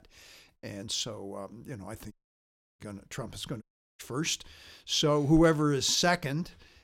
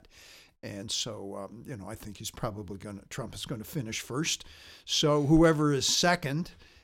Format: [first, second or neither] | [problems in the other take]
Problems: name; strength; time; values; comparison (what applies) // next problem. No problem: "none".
second | audio cutting out; at 2 s for 0.5 s and at 3.5 s